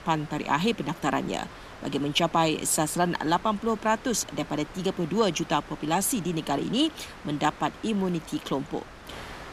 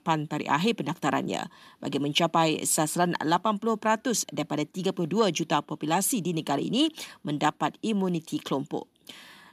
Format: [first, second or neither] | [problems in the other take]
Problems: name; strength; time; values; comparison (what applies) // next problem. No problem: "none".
second | wind noise on the microphone; occasional gusts; 15 dB below the speech